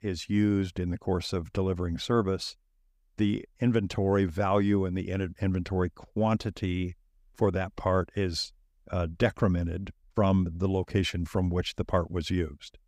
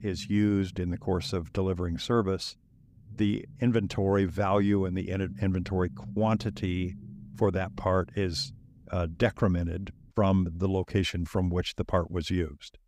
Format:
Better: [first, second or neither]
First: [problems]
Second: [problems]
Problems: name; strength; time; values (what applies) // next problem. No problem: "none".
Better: first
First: none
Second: low rumble; faint; until 10 s; 25 dB below the speech